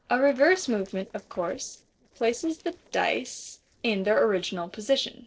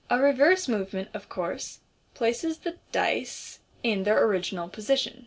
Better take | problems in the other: second | noise reduction (neural separator model SepFormer DNS4)

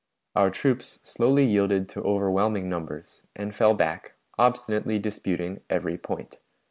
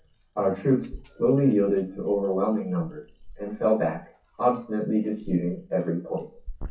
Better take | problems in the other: first | noise reduction (classical method WPE with log-MMSE)

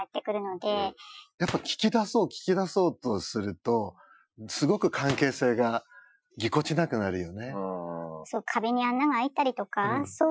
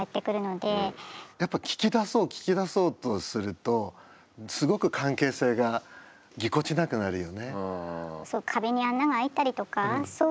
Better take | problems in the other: second | noise reduction (classical method Wiener filter)

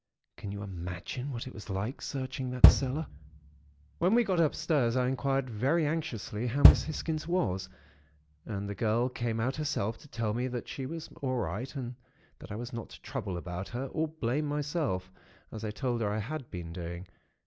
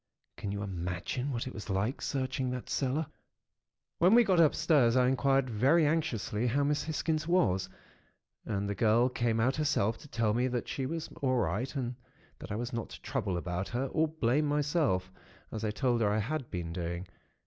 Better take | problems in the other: second | background sound (Bass drum); 4 dB above the speech

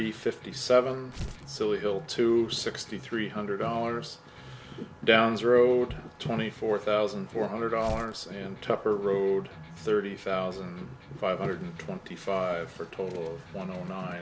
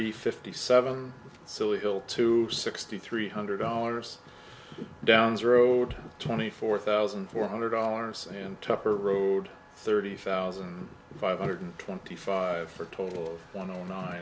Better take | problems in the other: second | background sound (Tearing + Electric guitar); 17 dB below the speech

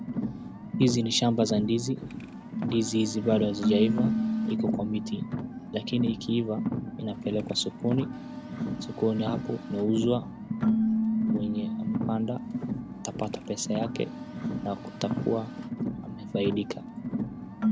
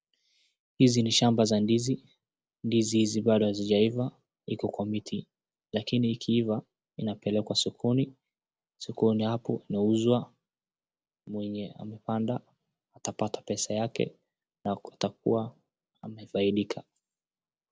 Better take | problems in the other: second | background sound (Car + Keyboard (musical)); 1 dB below the speech

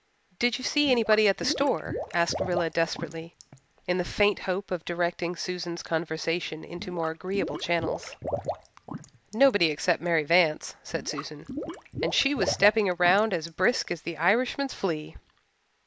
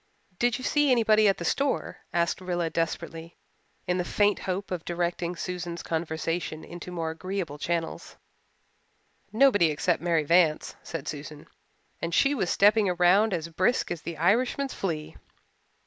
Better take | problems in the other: second | background sound (Liquid); 10 dB below the speech

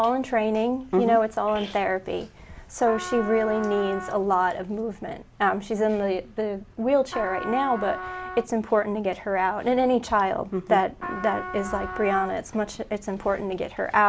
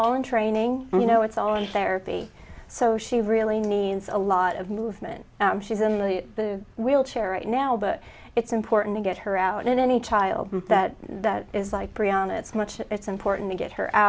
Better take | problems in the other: second | background sound (Trumpet); 11 dB below the speech

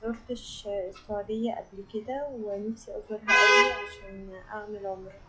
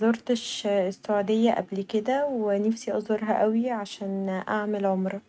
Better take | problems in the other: second | noise reduction (classical method log-MMSE)

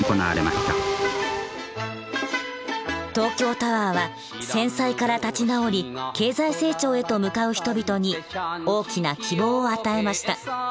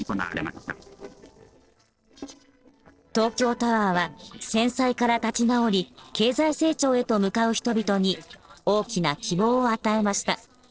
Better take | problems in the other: first | noise reduction (neural separator model SepFormer DNS4)

